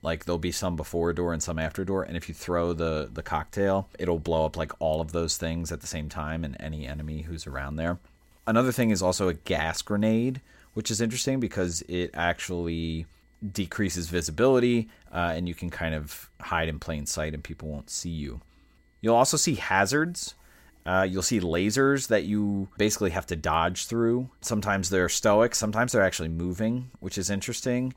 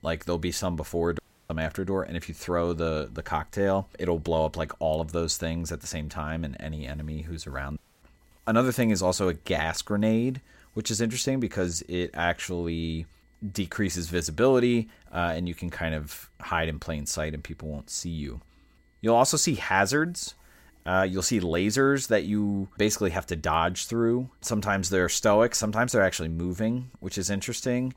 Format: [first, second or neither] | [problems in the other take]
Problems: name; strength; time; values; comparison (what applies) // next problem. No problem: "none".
first | audio cutting out; at 1 s and at 8 s